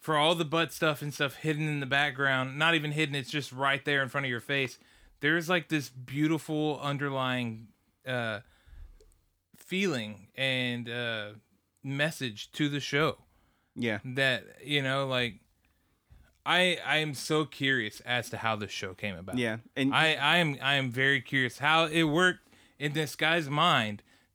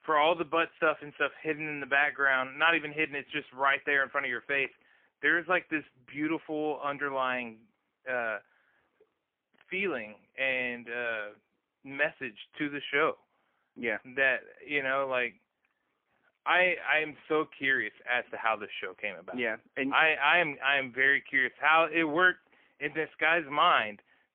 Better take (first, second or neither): first